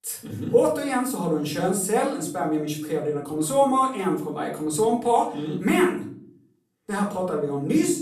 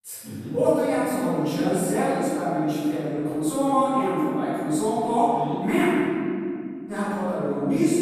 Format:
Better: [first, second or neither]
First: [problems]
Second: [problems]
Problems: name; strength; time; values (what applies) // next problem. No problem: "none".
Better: first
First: room echo; slight; dies away in 0.5 s // off-mic speech; far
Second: room echo; strong; dies away in 2.5 s // off-mic speech; far